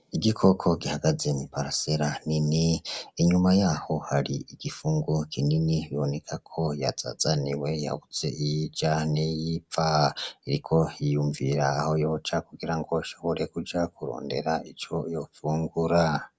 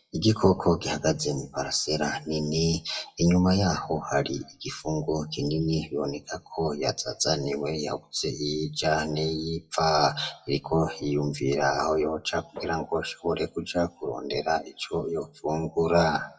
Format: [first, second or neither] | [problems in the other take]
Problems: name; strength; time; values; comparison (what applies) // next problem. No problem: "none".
first | noise reduction (classical method WPE with log-MMSE)